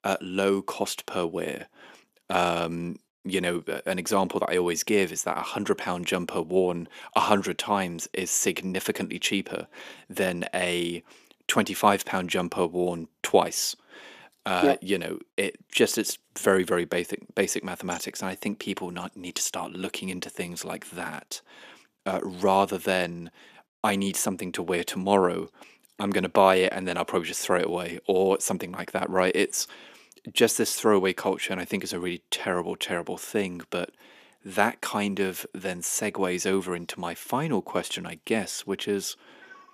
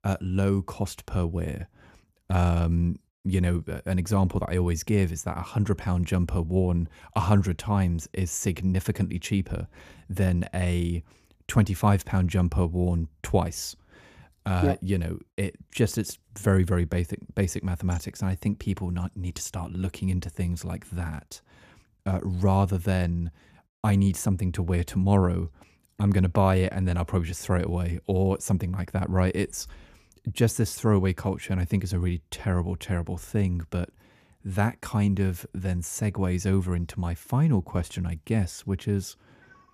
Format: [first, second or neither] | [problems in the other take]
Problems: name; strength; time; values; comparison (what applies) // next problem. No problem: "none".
second | thin; somewhat; fading below 300 Hz